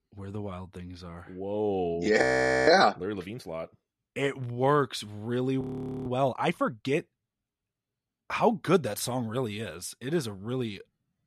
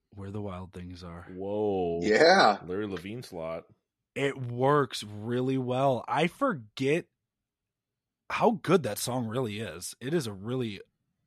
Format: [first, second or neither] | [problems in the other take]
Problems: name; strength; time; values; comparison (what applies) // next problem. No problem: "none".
second | audio freezing; at 2 s and at 5.5 s